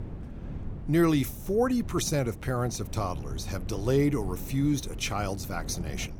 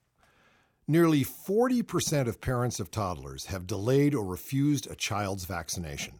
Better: second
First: wind noise on the microphone; occasional gusts; 20 dB below the speech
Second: none

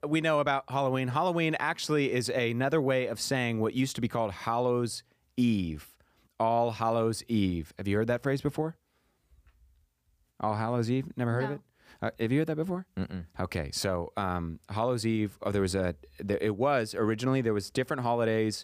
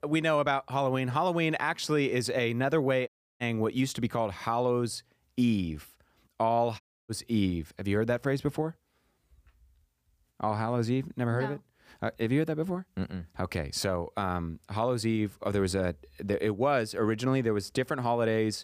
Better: first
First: none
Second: audio cutting out; at 3 s and at 7 s

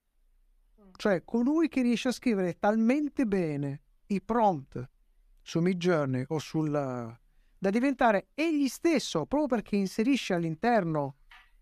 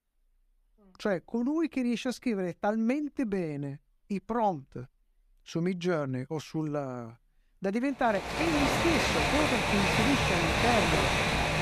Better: first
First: none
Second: rain or running water; very loud; from 8.5 s on; 4 dB above the speech

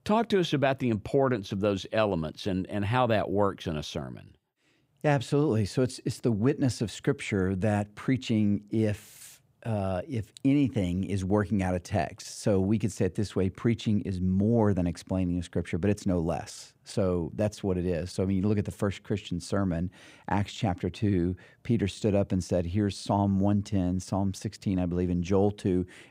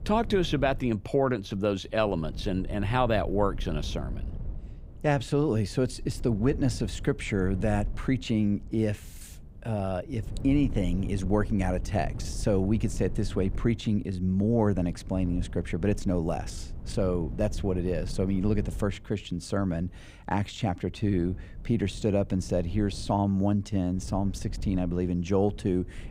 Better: first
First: none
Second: wind noise on the microphone; occasional gusts; 20 dB below the speech

